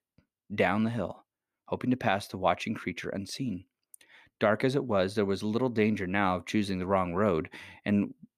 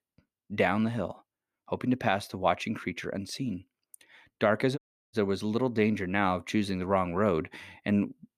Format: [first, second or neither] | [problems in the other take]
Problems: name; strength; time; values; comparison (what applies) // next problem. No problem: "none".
first | audio cutting out; at 5 s